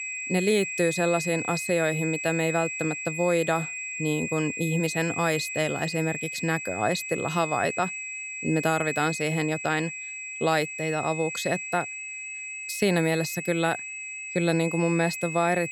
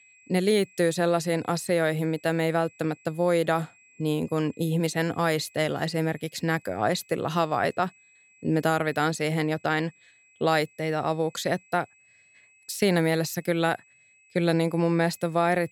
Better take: second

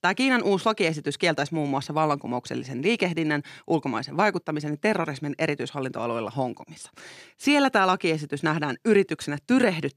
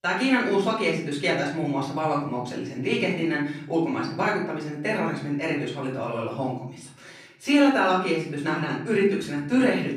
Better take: first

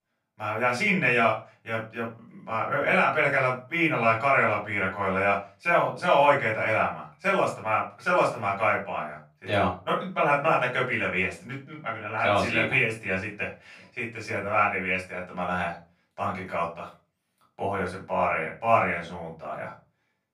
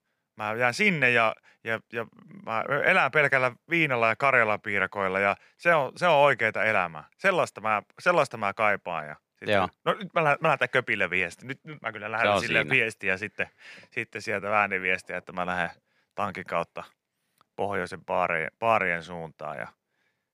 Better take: second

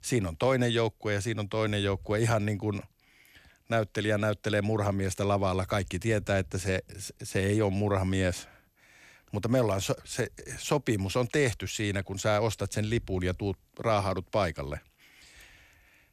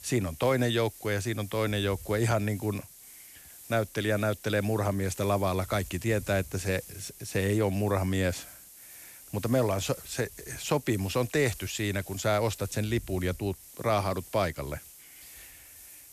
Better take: first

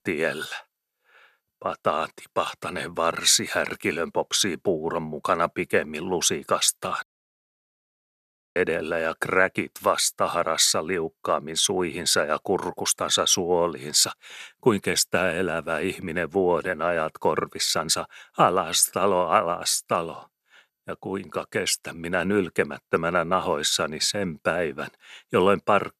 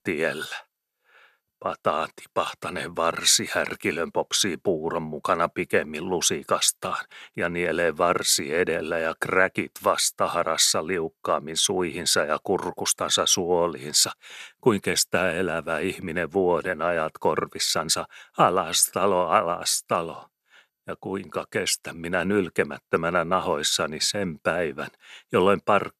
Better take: second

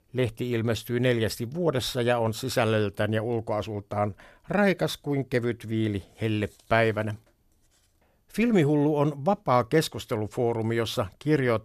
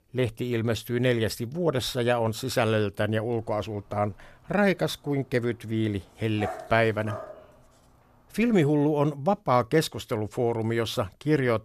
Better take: first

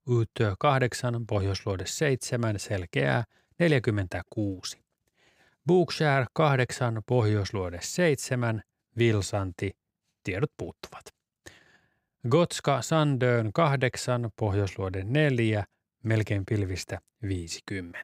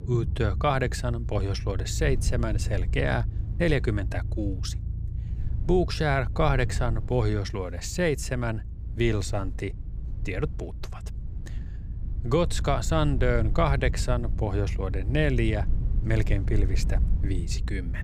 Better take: first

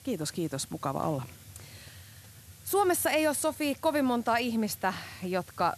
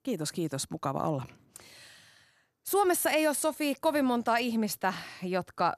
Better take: second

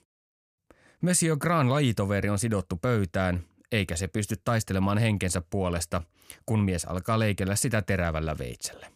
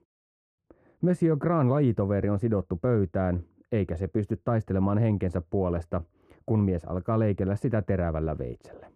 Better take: first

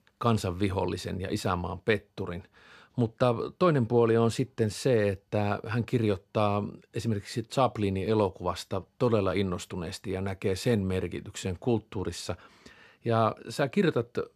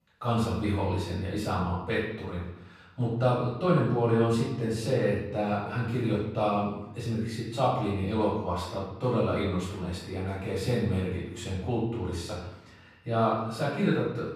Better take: first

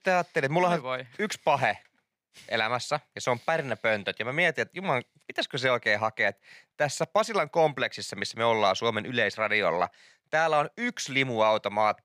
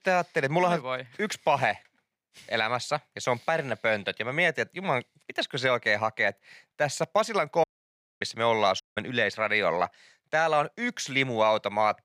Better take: first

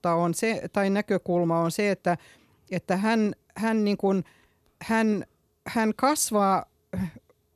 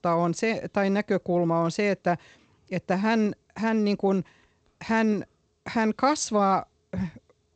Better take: first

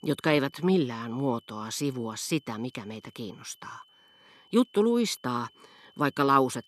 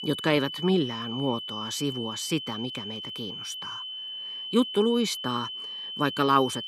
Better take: first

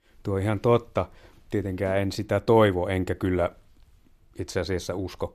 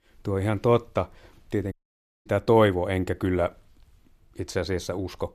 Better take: first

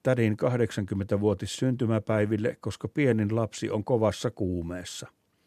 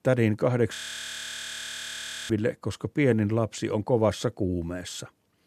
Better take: first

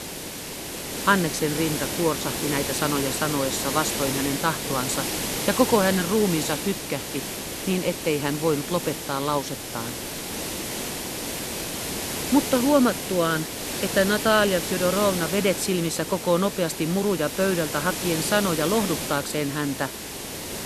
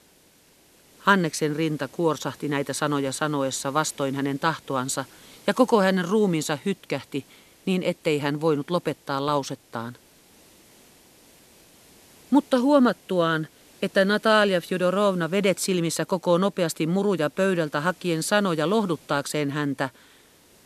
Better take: second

